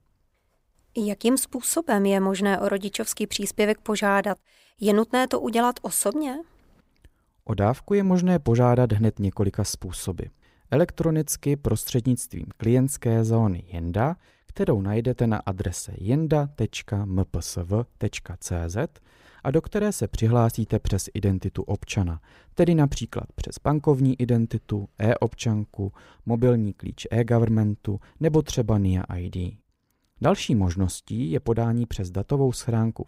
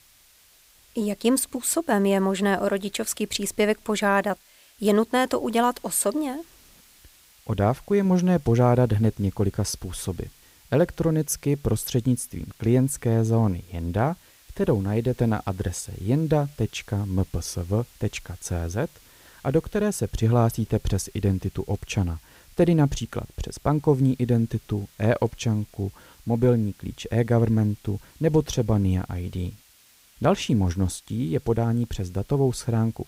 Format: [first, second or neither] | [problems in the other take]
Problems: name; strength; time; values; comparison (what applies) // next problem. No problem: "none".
first | hiss; faint; throughout; 30 dB below the speech